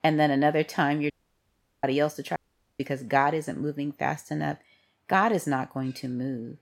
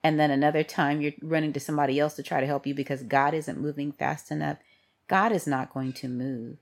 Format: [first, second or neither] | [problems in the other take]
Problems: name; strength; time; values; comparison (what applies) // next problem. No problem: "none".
second | audio cutting out; at 1 s for 0.5 s and at 2.5 s